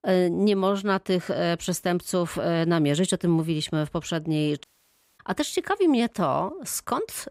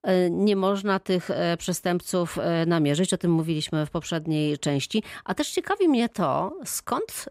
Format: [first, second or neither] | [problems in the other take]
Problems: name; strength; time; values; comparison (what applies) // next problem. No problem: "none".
second | audio cutting out; at 4.5 s for 0.5 s